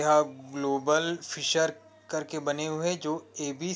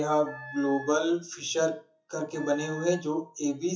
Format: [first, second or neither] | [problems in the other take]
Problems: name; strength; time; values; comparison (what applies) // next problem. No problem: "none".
first | noise reduction (classical method WPE with log-MMSE)